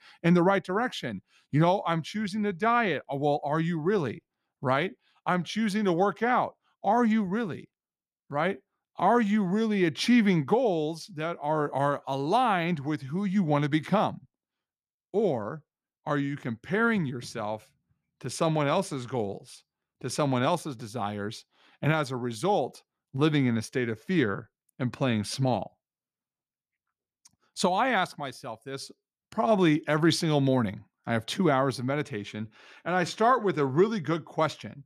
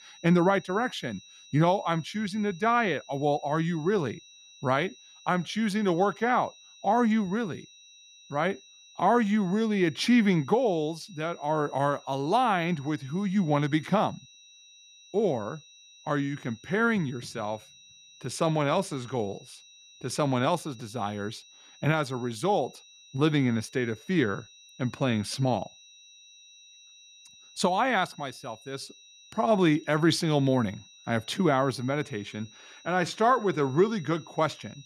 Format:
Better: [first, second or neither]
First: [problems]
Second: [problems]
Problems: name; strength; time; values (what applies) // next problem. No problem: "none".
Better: first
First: none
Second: high-pitched whine; faint; throughout; 4 kHz, 25 dB below the speech